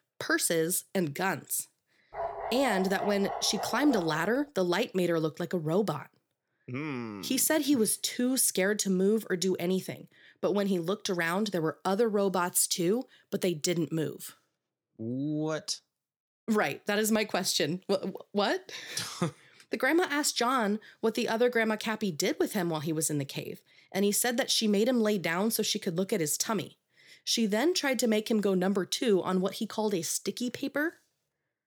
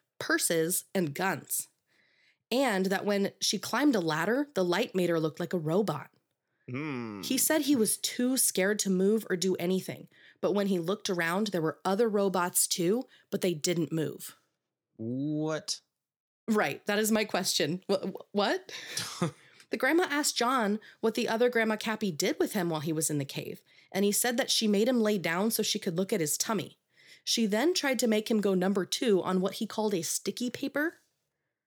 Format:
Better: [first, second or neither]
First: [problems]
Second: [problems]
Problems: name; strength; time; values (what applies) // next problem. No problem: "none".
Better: second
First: dog barking; noticeable; from 2 to 4.5 s; peak 6 dB below the speech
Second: none